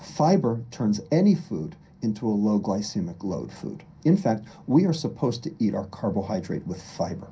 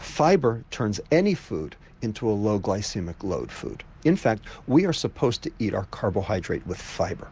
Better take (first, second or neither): second